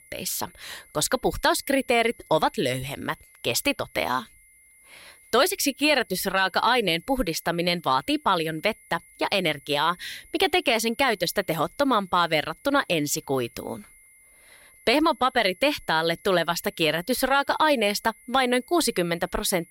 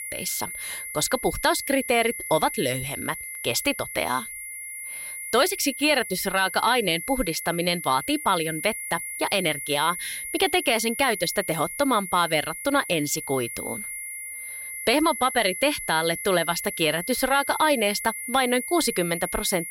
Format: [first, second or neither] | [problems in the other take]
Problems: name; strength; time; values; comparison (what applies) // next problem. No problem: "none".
first | high-pitched whine; loud; throughout; 2 kHz, 8 dB below the speech; faint in the first